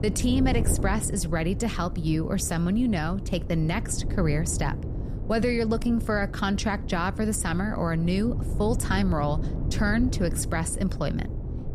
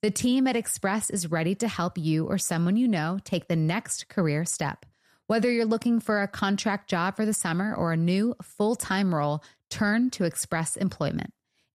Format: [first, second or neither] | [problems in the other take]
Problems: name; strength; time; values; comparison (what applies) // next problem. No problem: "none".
second | wind noise on the microphone; occasional gusts; 10 dB below the speech